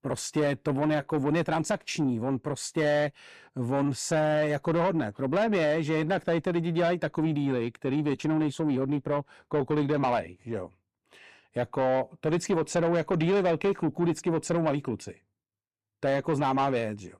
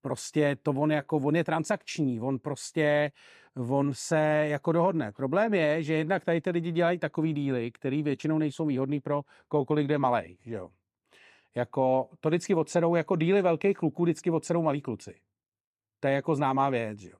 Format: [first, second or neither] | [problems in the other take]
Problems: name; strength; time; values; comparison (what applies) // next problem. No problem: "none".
second | distortion; slight; 10 dB below the speech